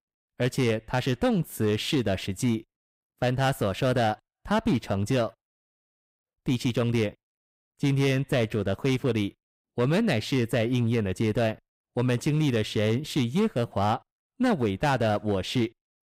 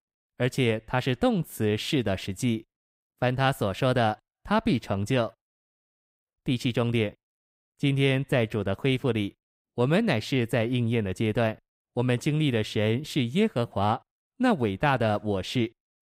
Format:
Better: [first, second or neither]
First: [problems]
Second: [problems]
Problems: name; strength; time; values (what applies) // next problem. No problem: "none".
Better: second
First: distortion; slight; 5% of the sound clipped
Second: none